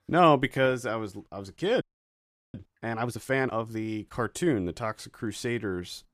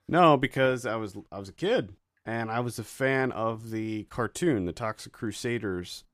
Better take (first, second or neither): second